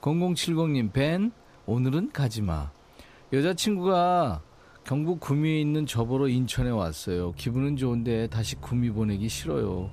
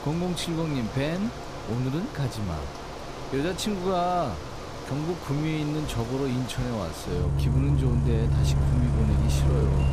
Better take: first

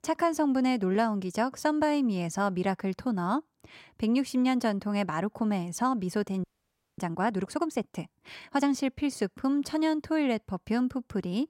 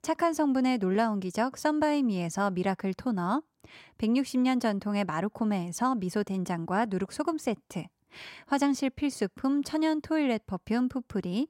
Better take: second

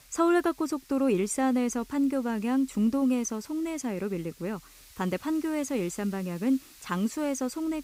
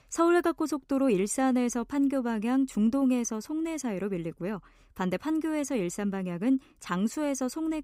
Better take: second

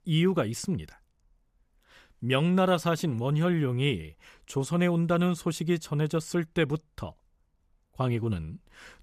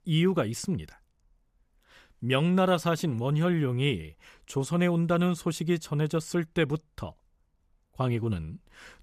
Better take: neither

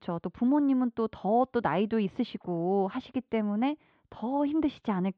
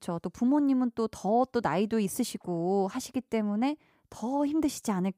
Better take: second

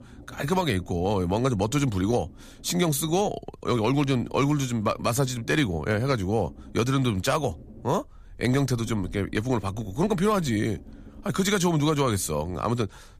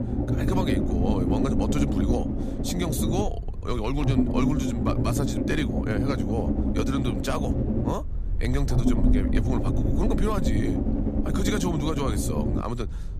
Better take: first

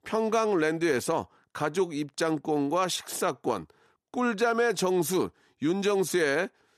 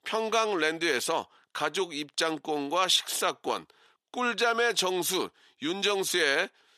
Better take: first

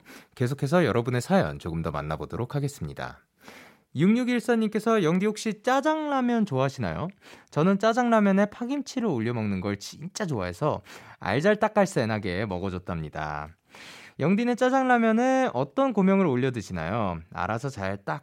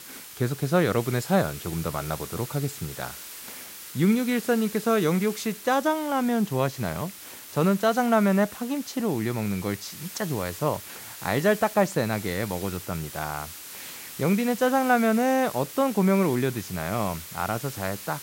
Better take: first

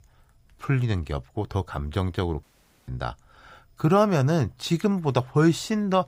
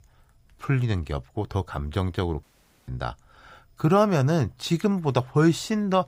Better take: neither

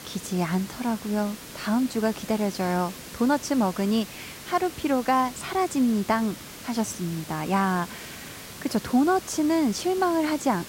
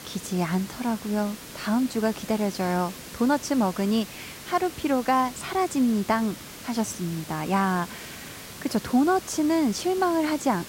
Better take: neither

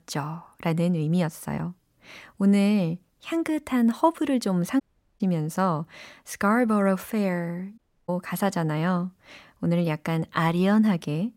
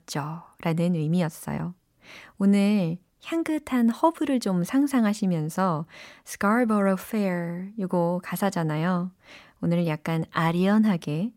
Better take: second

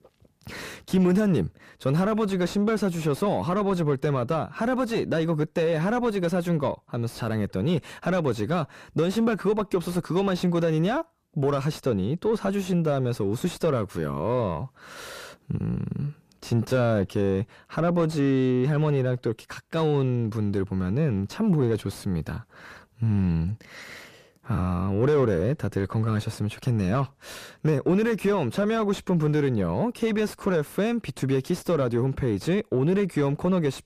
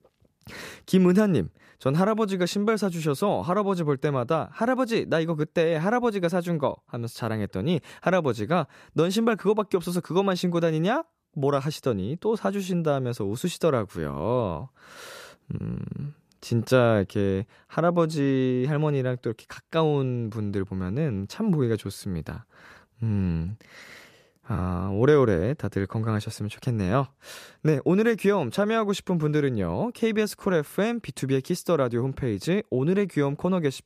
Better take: second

